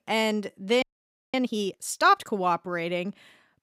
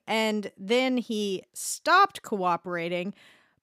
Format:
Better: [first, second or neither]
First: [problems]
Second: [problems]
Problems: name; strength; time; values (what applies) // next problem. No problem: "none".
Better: second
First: audio freezing; at 1 s for 0.5 s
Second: none